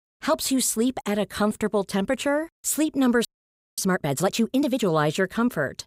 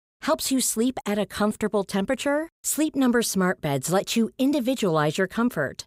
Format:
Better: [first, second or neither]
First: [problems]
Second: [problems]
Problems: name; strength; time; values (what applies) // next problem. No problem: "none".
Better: second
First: audio freezing; at 3.5 s for 0.5 s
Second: none